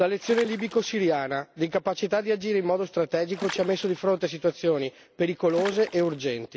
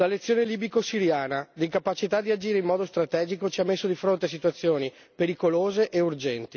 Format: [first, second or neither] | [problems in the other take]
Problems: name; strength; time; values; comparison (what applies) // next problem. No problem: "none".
second | background sound (Water / Splash, splatter); 14 dB below the speech